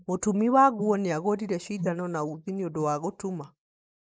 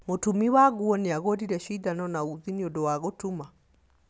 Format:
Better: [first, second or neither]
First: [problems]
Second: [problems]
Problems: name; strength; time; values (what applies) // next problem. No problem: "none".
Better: second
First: noise reduction (neural mask model Resemble Enhance denoiser)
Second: none